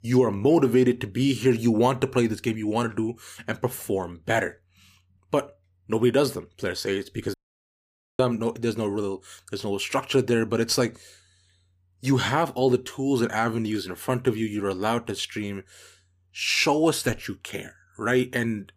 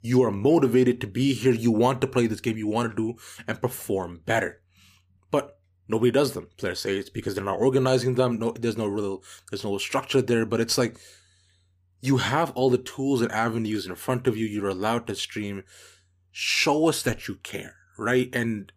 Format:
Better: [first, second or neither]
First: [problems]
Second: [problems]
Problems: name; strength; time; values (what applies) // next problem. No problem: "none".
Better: second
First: audio cutting out; at 7.5 s for 1 s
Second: none